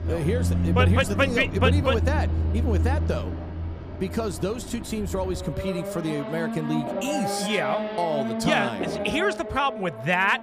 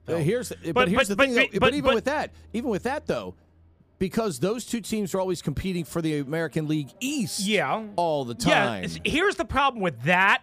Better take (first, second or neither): second